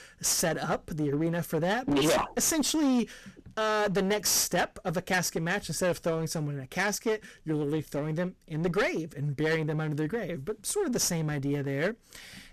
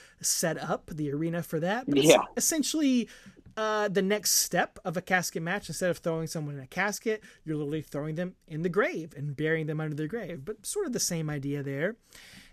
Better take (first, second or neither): second